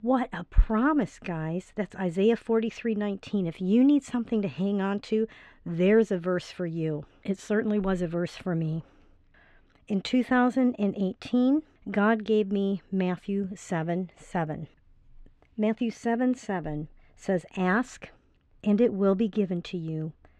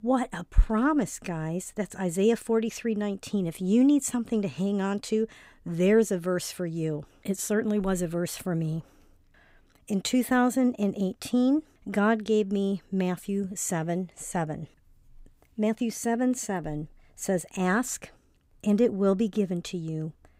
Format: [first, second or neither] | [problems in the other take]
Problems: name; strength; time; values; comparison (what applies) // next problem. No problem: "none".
second | muffled; slightly; fading above 3 kHz